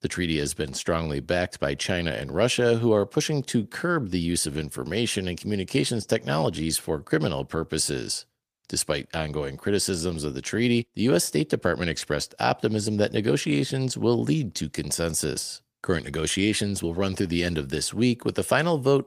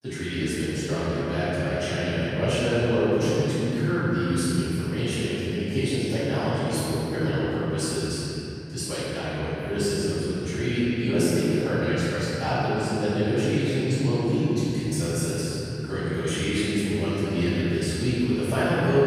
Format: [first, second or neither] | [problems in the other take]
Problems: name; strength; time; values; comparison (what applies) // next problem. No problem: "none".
first | room echo; strong; dies away in 3 s // off-mic speech; far